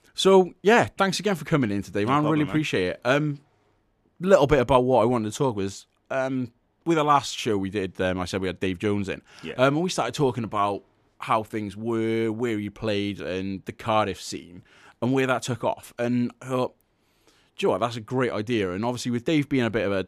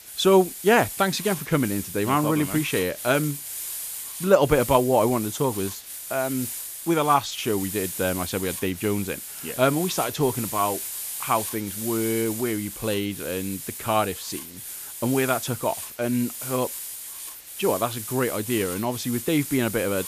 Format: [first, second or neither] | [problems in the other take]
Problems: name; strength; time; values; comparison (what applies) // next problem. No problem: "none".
first | hiss; loud; throughout; 8 dB below the speech